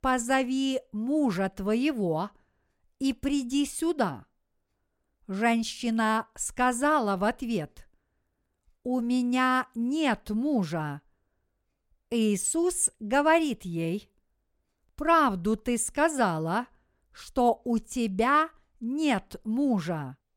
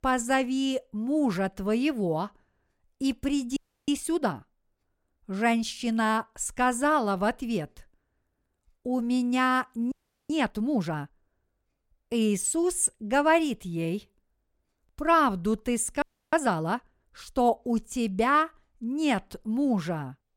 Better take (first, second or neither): first